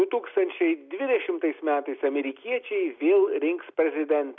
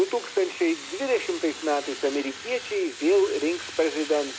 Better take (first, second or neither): first